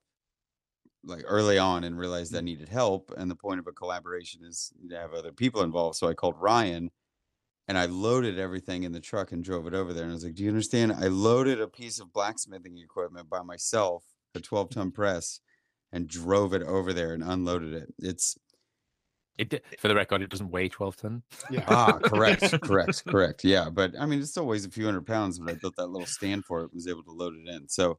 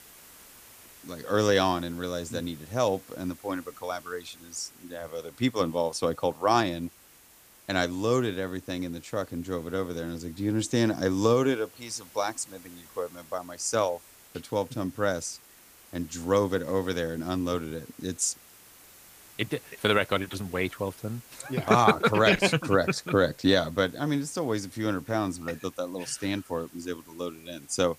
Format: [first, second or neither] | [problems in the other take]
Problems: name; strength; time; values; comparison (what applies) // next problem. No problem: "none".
first | hiss; faint; throughout; 20 dB below the speech